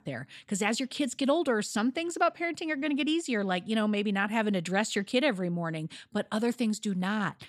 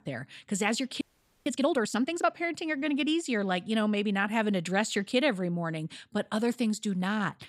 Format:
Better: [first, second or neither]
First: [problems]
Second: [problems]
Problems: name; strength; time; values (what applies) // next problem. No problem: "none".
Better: first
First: none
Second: audio freezing; at 1 s